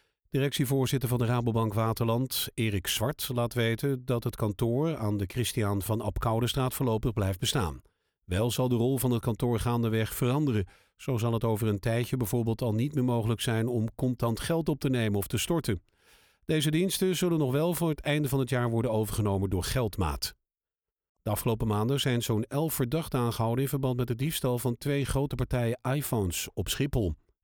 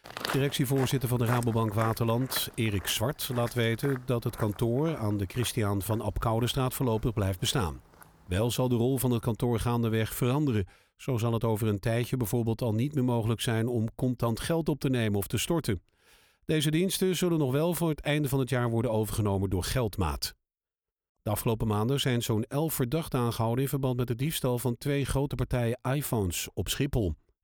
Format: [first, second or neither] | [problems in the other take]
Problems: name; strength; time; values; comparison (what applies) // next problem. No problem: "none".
first | footsteps; noticeable; until 8 s; peak 5 dB below the speech